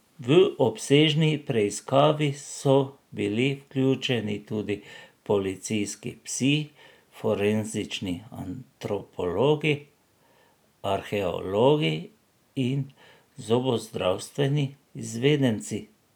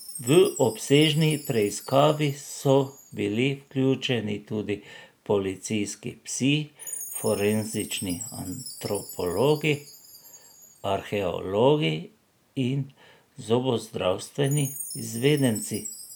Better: first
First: none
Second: background sound (Chime); 16 dB below the speech

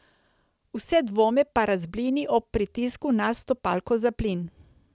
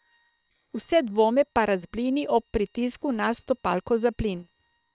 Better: first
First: none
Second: noise reduction (neural separator model SepFormer WHAM!)

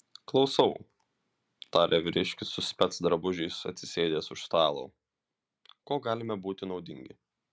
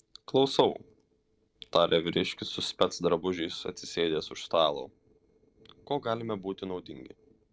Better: first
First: none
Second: noise reduction (neural separator model SepFormer DNS4)

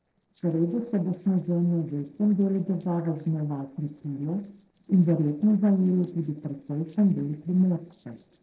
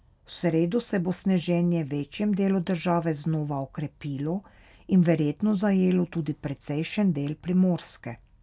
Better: second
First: noise reduction (neural separator model SepFormer DNS4)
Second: none

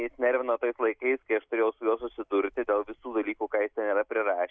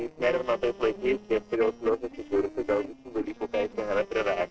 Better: first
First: none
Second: noise reduction (neural separator model SepFormer DNS4)

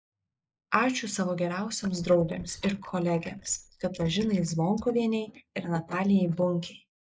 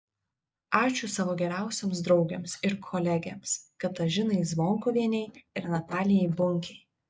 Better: second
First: noise reduction (neural mask model Resemble Enhance denoiser)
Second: none

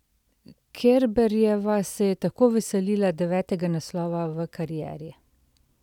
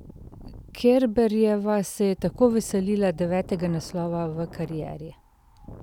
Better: first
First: none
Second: background sound (Wind); 20 dB below the speech

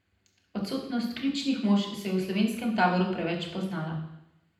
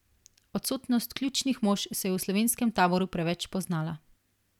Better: second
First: room echo; dies away in 0.8 s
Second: none

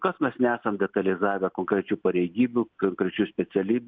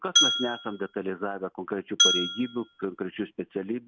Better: first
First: none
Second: background sound (Glass); 4 dB above the speech

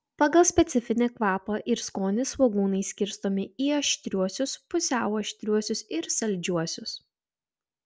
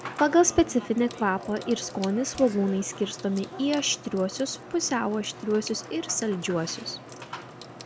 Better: first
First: none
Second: background sound (Sink (filling or washing) / Water tap, faucet / Water); 14 dB below the speech

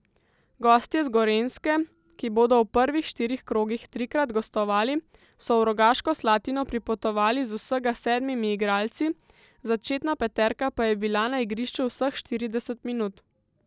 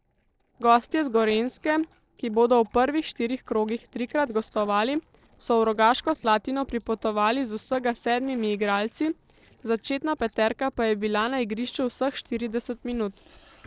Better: first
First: none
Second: noise reduction (neural separator model SepFormer DNS4)

